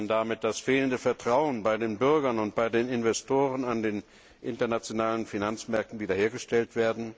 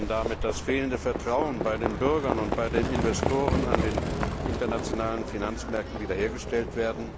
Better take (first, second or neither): first